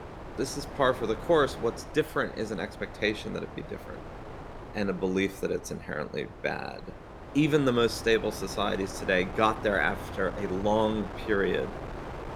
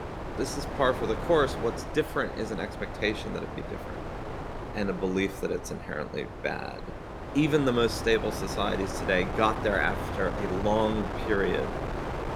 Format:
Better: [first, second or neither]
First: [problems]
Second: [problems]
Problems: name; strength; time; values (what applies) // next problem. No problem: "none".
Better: first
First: wind noise on the microphone; occasional gusts; 15 dB below the speech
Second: wind noise on the microphone; heavy; 7 dB below the speech